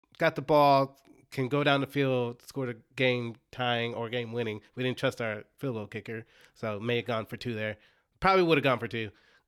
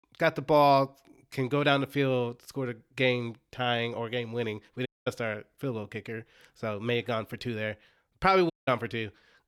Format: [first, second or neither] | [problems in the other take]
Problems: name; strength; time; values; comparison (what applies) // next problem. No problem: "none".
first | audio cutting out; at 5 s and at 8.5 s